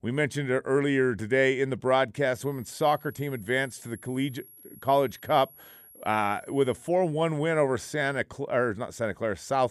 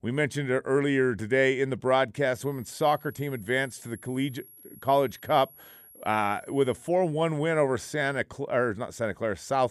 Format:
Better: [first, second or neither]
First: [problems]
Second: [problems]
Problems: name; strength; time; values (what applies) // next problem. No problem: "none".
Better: neither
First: high-pitched whine; faint; from 2.5 to 7 s; 11 kHz, 20 dB below the speech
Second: high-pitched whine; faint; from 2.5 to 7 s; 11 kHz, 20 dB below the speech